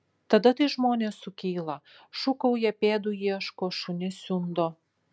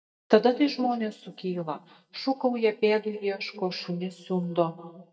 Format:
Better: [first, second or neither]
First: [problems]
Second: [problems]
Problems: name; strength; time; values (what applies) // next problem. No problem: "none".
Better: first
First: none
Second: noise reduction (neural mask model DeepFilterNet 3)